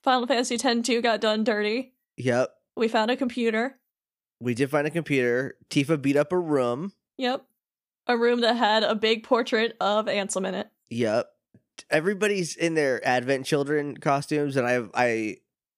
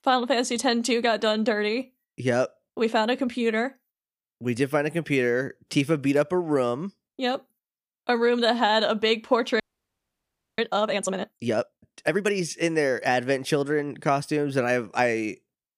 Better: first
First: none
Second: audio freezing; at 9.5 s for 1 s

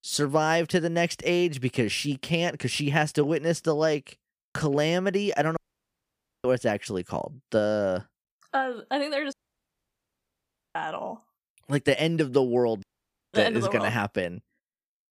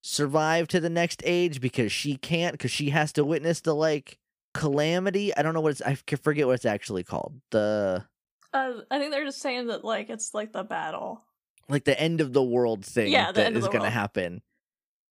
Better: second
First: audio cutting out; at 5.5 s for 1 s, at 9.5 s for 1.5 s and at 13 s for 0.5 s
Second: none

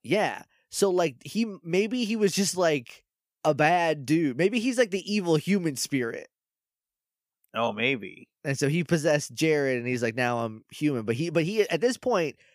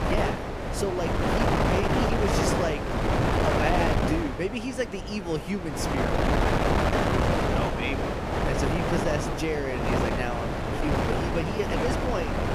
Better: first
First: none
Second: wind noise on the microphone; heavy; 5 dB above the speech

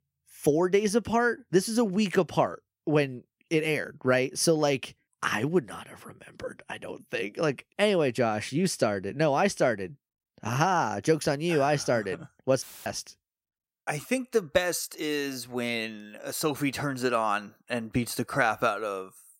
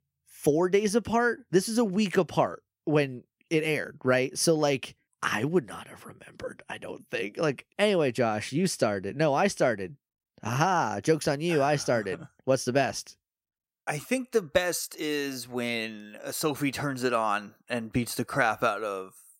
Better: second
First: audio cutting out; filled with static; at 13 s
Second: none

